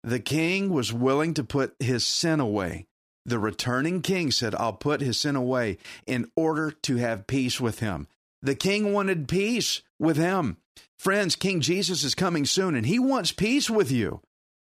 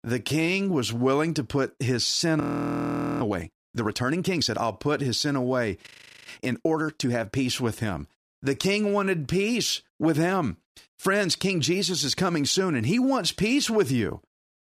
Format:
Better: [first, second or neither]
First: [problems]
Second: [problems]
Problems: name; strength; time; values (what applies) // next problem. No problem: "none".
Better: first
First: none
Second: audio freezing; at 2.5 s for 1 s and at 6 s